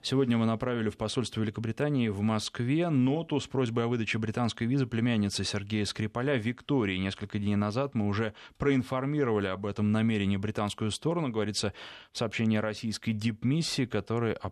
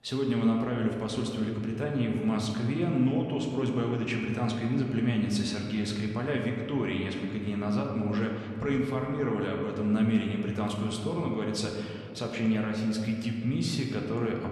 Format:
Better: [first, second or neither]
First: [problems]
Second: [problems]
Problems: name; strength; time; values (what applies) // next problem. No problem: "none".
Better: first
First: none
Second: room echo; noticeable; dies away in 2.1 s // off-mic speech; somewhat distant